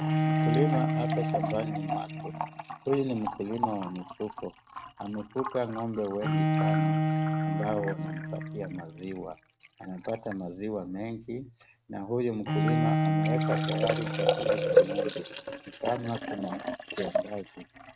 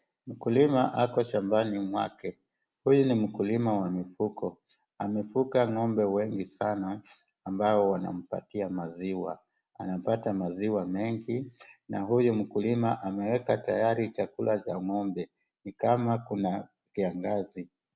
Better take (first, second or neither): second